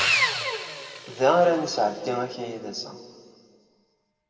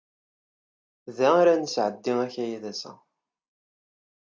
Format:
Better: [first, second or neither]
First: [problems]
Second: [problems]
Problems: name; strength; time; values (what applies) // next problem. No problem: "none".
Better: second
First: background sound (Sawing); 4 dB below the speech // room echo; dies away in 1.8 s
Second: none